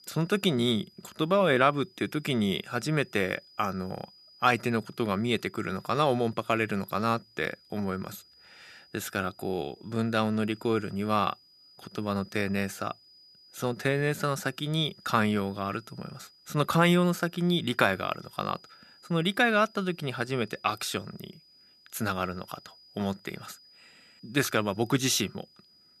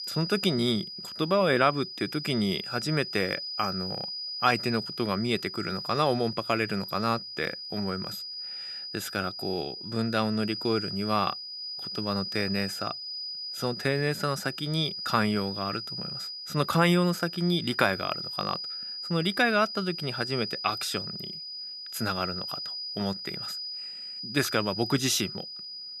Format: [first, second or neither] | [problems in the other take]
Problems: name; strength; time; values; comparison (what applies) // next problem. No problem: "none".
first | high-pitched whine; loud; throughout; 5 kHz, 6 dB below the speech; faint in the first